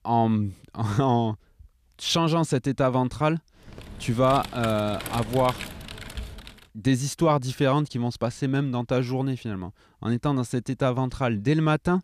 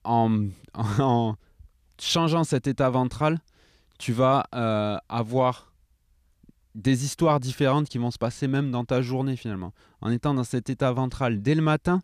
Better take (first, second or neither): second